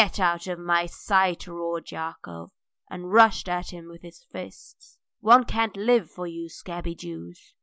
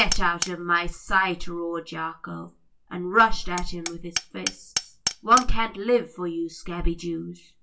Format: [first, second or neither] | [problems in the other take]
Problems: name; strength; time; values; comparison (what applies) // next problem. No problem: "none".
first | background sound (Hammer); 11 dB below the speech // room echo; dies away in 0.2 s